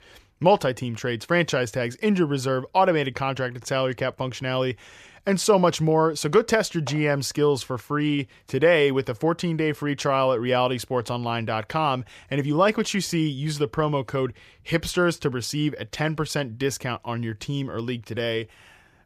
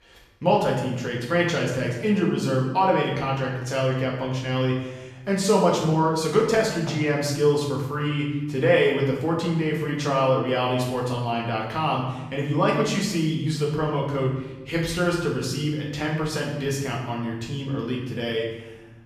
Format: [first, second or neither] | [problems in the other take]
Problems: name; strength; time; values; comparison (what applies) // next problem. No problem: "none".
first | room echo; noticeable; dies away in 1 s // off-mic speech; far